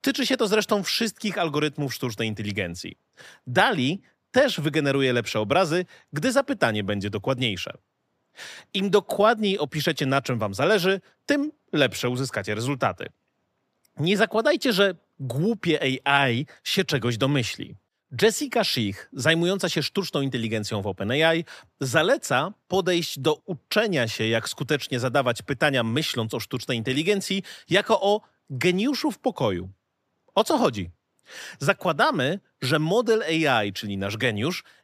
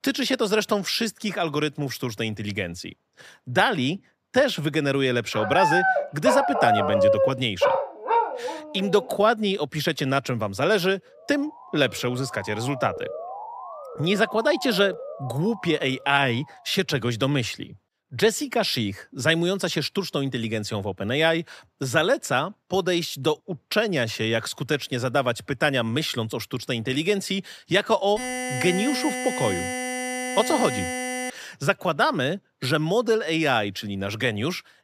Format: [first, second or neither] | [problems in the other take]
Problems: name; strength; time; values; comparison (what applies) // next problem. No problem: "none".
first | dog barking; loud; from 5.5 to 9 s; peak 5 dB above the speech // siren; noticeable; from 11 to 17 s; peak 9 dB below the speech // alarm; noticeable; from 28 to 31 s; peak 4 dB below the speech